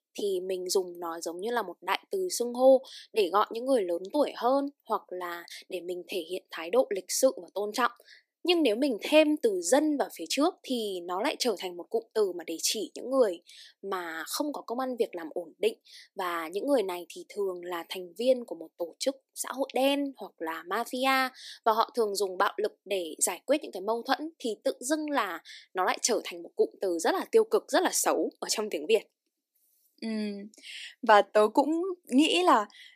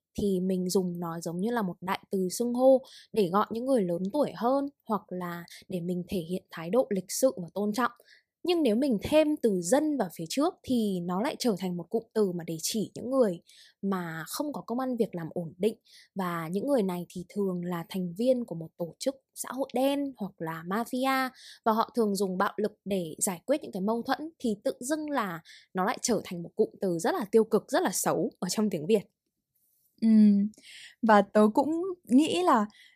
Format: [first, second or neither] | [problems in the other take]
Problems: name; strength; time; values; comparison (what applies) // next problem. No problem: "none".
second | thin; somewhat; fading below 300 Hz